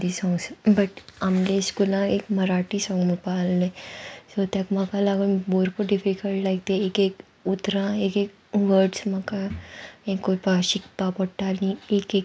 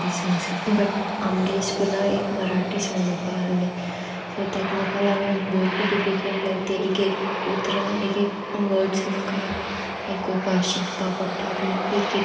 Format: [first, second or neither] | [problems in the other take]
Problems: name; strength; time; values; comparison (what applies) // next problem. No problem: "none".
first | background sound (Aircraft); 5 dB below the speech // room echo; dies away in 2.5 s